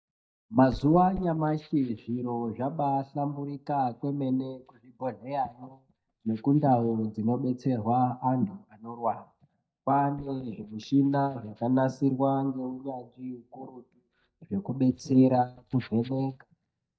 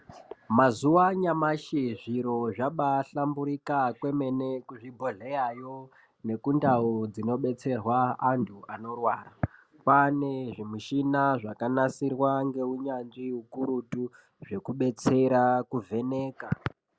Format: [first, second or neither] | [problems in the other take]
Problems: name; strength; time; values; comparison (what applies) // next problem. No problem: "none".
second | noise reduction (neural mask model DeepFilterNet 3)